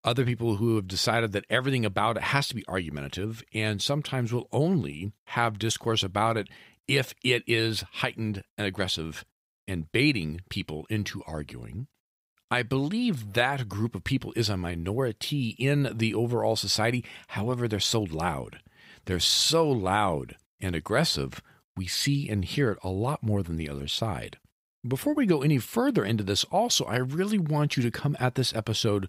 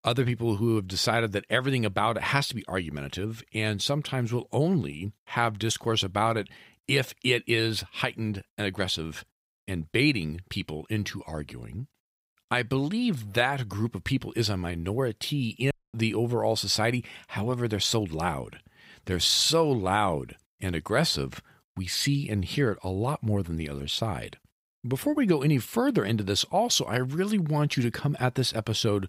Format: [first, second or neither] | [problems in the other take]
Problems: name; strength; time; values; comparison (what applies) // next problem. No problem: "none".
first | audio cutting out; at 16 s